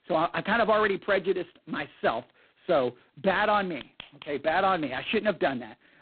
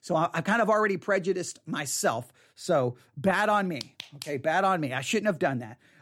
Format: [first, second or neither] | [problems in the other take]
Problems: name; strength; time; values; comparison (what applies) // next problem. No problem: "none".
second | phone-call audio; poor line; nothing above 4 kHz